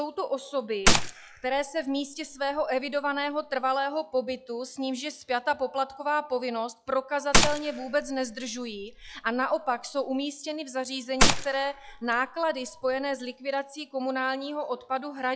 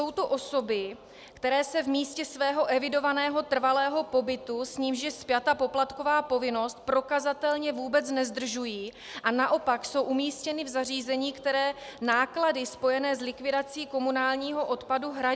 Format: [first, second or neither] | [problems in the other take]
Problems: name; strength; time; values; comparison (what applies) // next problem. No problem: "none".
second | noise reduction (classical method log-MMSE)